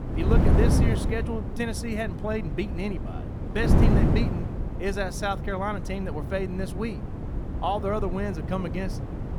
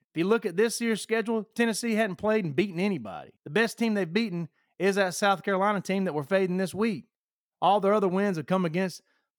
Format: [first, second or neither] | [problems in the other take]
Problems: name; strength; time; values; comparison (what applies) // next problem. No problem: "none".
second | wind noise on the microphone; heavy; 4 dB below the speech